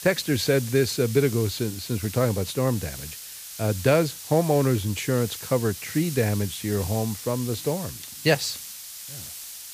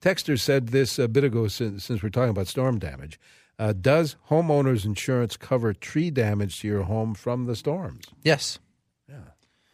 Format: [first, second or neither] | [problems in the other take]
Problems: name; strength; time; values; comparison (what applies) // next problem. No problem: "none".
second | hiss; noticeable; throughout; 10 dB below the speech